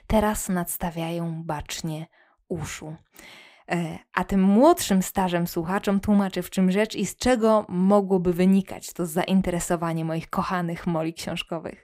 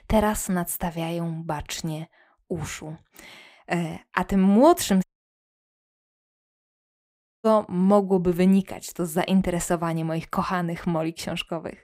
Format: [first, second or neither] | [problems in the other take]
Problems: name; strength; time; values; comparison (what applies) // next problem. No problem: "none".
first | audio cutting out; at 5 s for 2.5 s